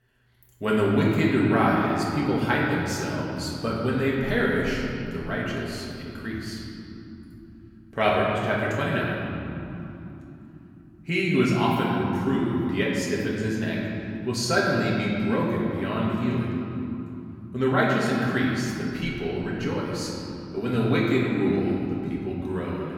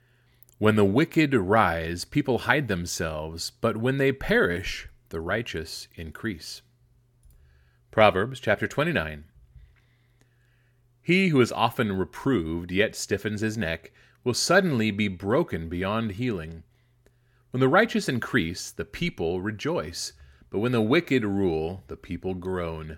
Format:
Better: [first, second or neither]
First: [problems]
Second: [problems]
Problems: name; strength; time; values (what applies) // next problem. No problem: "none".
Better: second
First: room echo; noticeable; dies away in 3 s // off-mic speech; far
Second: none